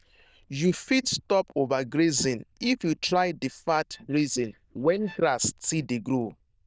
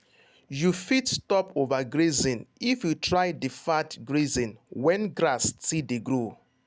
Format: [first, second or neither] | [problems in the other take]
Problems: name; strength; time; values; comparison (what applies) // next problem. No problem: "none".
second | noise reduction (neural diffusion model UNIVERSE++)